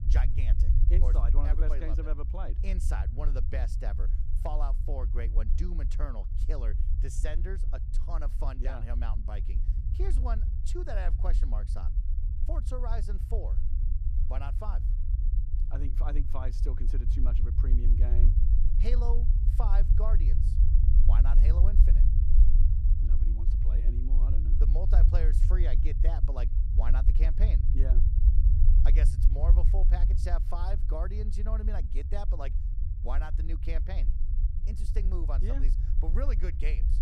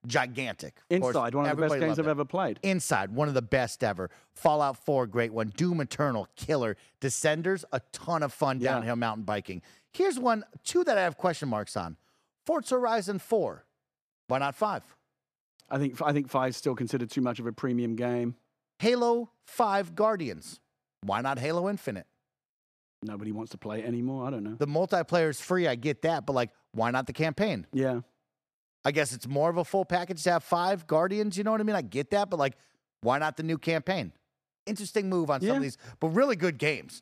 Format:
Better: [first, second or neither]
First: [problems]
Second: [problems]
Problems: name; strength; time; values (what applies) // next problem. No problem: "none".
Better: second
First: low rumble; loud; throughout; 6 dB below the speech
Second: none